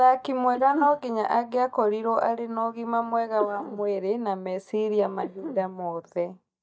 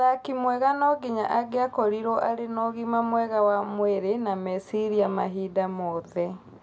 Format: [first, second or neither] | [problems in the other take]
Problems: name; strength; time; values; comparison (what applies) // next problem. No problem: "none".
second | noise reduction (neural mask model DeepFilterNet 3)